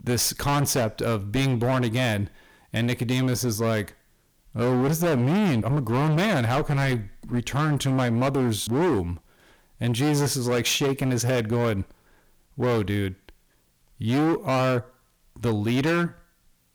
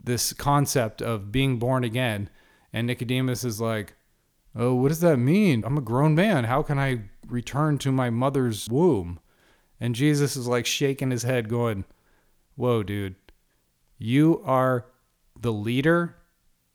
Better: second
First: distortion; heavy; 20% of the sound clipped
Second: none

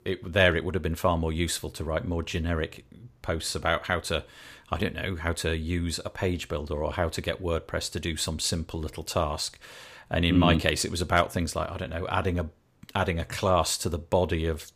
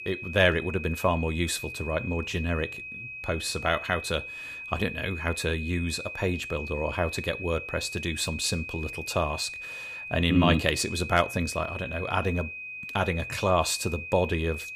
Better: first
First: none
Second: high-pitched whine; loud; throughout; 2.5 kHz, 8 dB below the speech

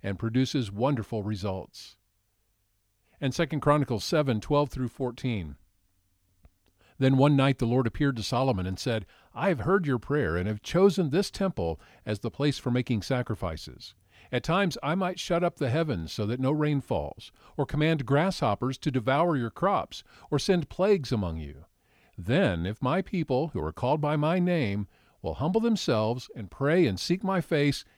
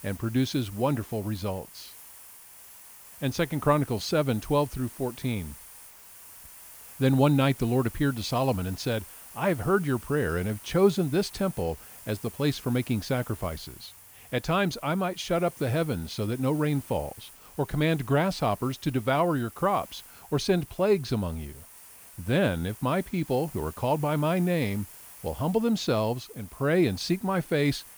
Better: first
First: none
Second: hiss; noticeable; throughout; 20 dB below the speech

